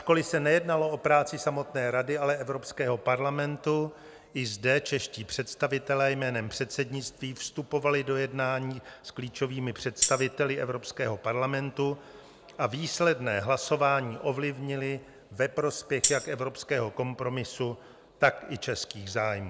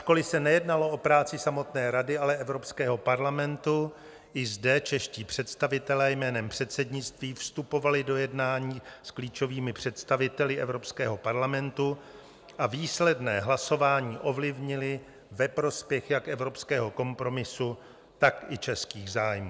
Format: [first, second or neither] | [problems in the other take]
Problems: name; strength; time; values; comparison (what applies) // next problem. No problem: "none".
second | background sound (Tambourine); 4 dB below the speech